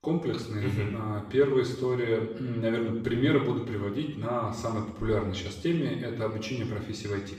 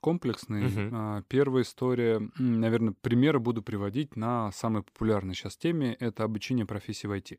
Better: second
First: room echo; noticeable; dies away in 0.7 s // off-mic speech; far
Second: none

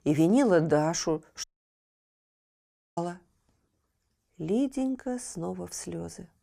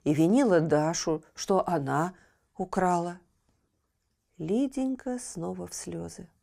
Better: second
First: audio cutting out; at 1.5 s for 1.5 s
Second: none

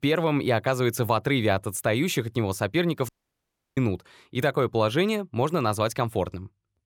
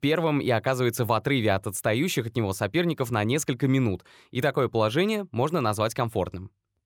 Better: second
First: audio cutting out; at 3 s for 0.5 s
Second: none

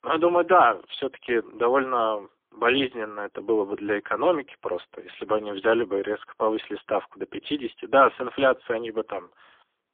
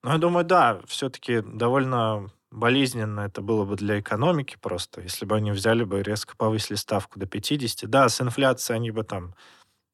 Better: second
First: phone-call audio; poor line; nothing above 3.5 kHz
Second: none

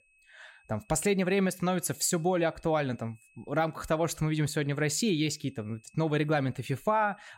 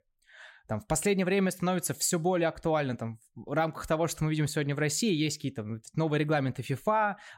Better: second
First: high-pitched whine; faint; throughout; 2.5 kHz, 35 dB below the speech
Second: none

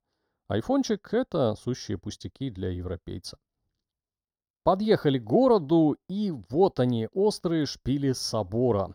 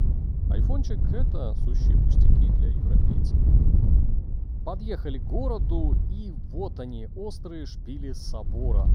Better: first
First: none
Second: wind noise on the microphone; heavy; 3 dB below the speech

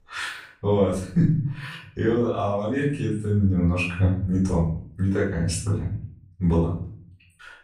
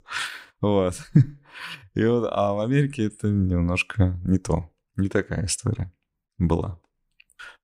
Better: second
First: off-mic speech; far // room echo; noticeable; dies away in 0.5 s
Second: none

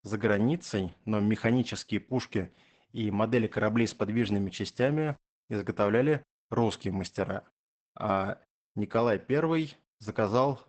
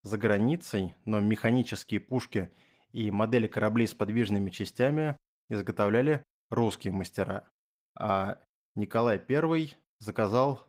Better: second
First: garbled, watery; badly; nothing above 8 kHz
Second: garbled, watery; slightly; nothing above 15.5 kHz

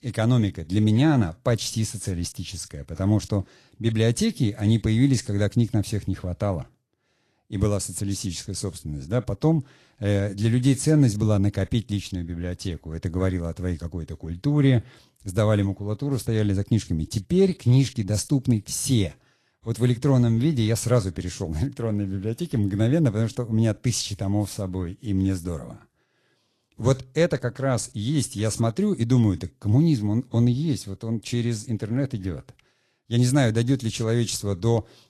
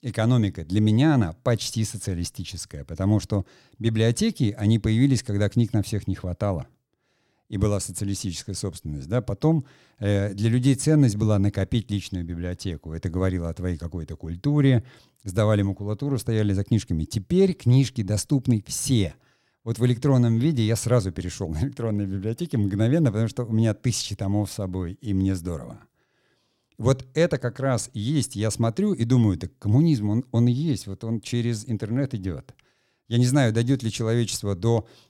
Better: second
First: garbled, watery; slightly; nothing above 11.5 kHz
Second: none

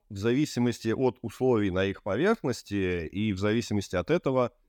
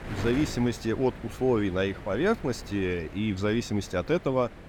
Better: first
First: none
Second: wind noise on the microphone; occasional gusts; 15 dB below the speech

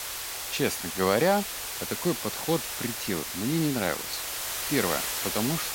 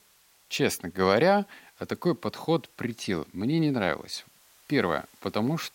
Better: second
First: hiss; loud; throughout; 2 dB below the speech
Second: hiss; faint; throughout; 30 dB below the speech

